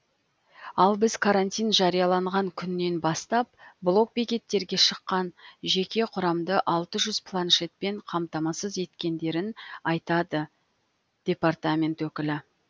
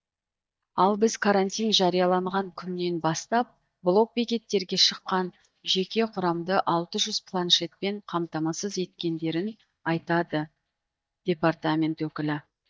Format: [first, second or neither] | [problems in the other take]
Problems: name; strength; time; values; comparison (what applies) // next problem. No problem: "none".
first | noise reduction (neural mask model DeepFilterNet 3)